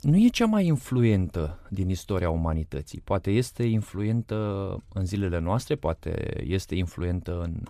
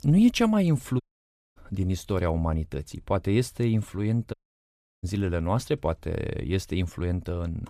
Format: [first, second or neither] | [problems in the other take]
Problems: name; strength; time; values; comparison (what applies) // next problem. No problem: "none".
first | audio cutting out; at 1 s for 0.5 s and at 4.5 s for 0.5 s